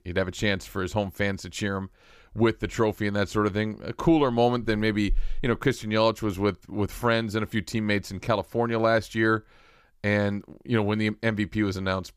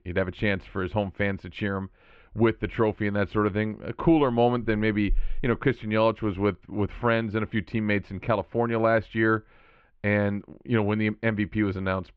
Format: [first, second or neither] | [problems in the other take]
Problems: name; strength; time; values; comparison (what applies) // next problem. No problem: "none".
first | muffled; very; fading above 3 kHz